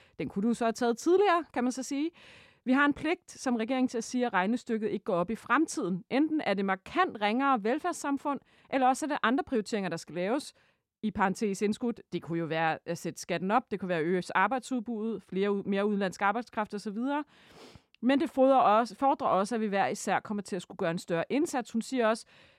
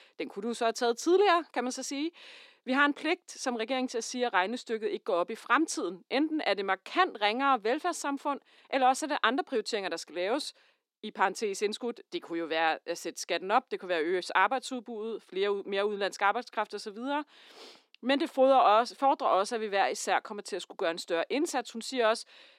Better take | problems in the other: first | thin; very slightly; fading below 300 Hz

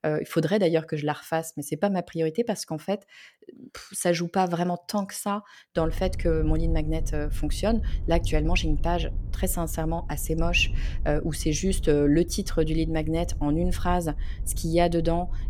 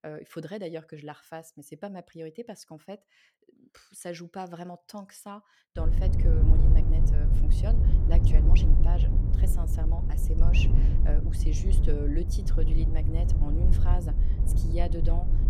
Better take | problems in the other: first | low rumble; loud; from 6 s on; 2 dB below the speech; faint in the first

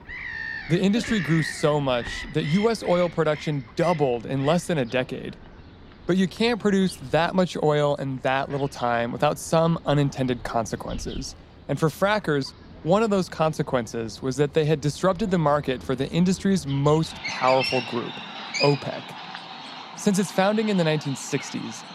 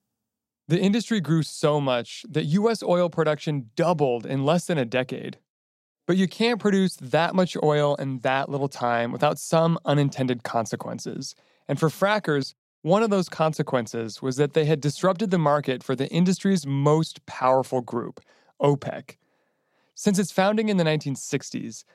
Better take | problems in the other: second | animal sounds; noticeable; throughout; 10 dB below the speech

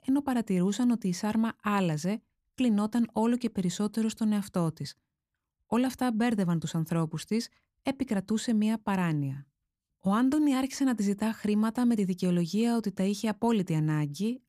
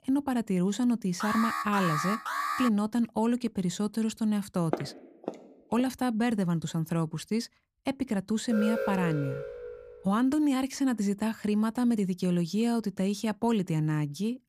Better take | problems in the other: first | alarm; noticeable; from 1 to 2.5 s and from 8.5 to 10 s; peak 1 dB below the speech // footsteps; noticeable; from 4.5 to 6 s; peak 7 dB below the speech

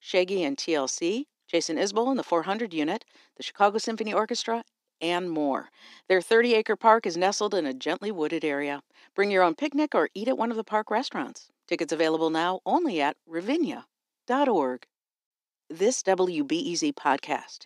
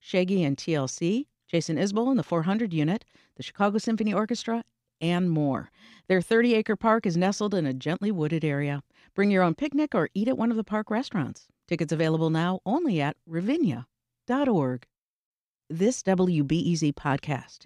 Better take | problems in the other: second | thin; somewhat; fading below 300 Hz

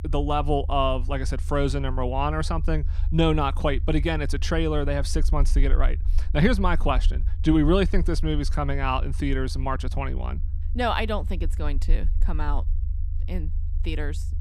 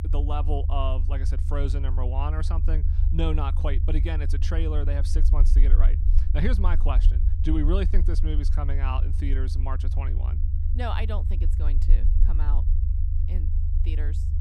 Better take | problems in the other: first | low rumble; loud; throughout; 9 dB below the speech; faint in the first

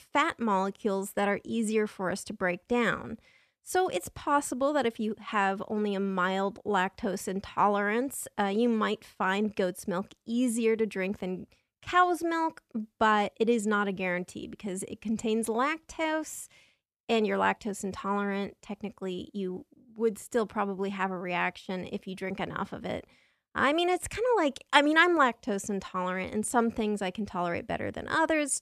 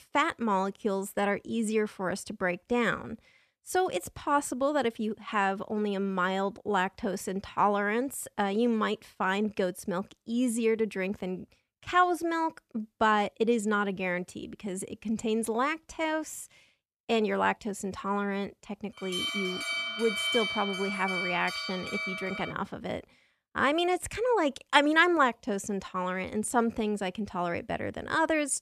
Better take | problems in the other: first | alarm; loud; from 19 to 23 s; peak 2 dB above the speech

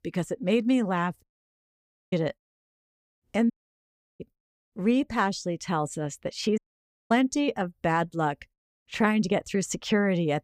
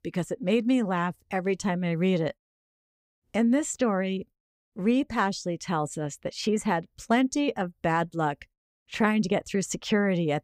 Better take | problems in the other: second | audio cutting out; at 1 s for 1 s, at 3.5 s for 0.5 s and at 6.5 s for 0.5 s

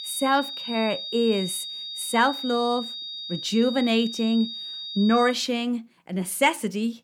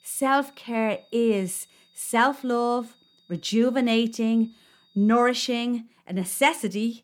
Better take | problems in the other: second | high-pitched whine; loud; until 5.5 s; 3.5 kHz, 8 dB below the speech; faint in the second

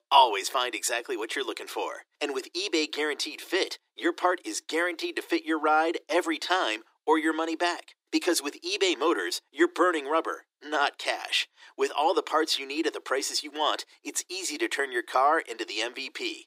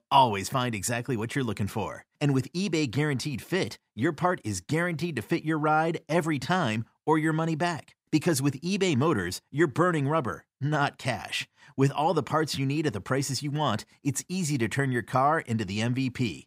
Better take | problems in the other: second | thin; very; fading below 300 Hz

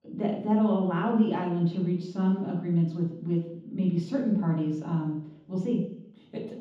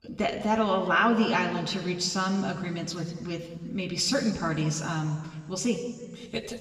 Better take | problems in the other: second | room echo; strong; dies away in 0.9 s; slight in the second // off-mic speech; far; somewhat distant in the second

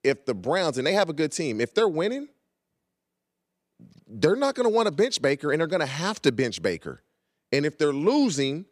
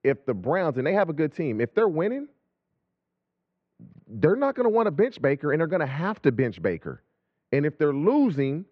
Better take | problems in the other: first | muffled; very; fading above 2 kHz

